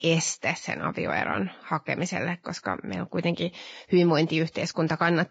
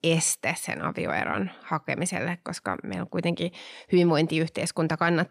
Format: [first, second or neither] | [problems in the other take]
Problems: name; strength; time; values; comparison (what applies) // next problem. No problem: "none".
second | garbled, watery; badly; nothing above 7.5 kHz